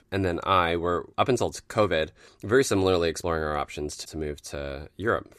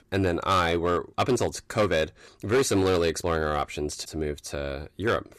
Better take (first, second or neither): first